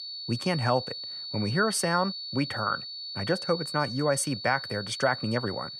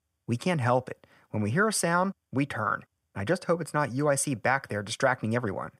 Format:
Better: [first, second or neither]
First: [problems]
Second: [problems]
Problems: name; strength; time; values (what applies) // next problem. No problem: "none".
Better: second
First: high-pitched whine; loud; throughout; 4.5 kHz, 7 dB below the speech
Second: none